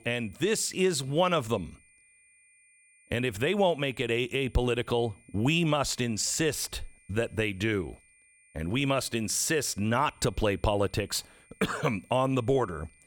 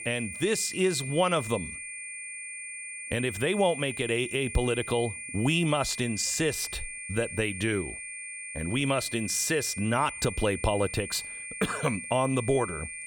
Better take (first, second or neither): first